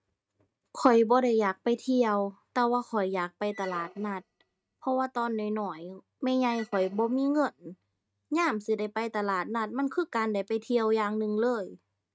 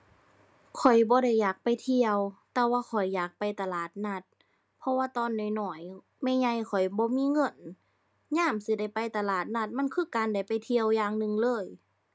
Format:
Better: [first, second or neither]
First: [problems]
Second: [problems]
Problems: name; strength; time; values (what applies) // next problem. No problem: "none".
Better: second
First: noise reduction (neural mask model RNNoise)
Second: none